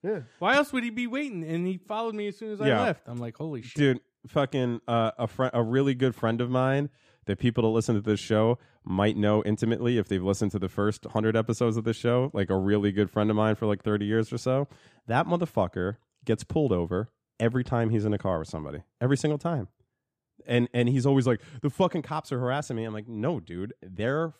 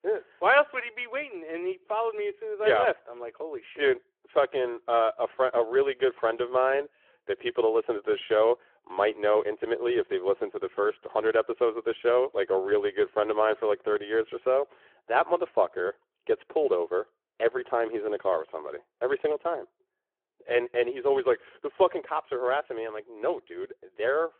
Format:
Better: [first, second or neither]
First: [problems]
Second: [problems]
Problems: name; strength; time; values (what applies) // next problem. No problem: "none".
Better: first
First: none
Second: phone-call audio